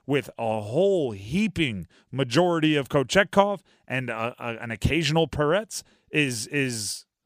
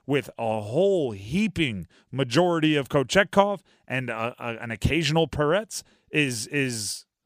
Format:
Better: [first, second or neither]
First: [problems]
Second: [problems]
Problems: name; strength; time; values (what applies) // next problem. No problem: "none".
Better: neither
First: none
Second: none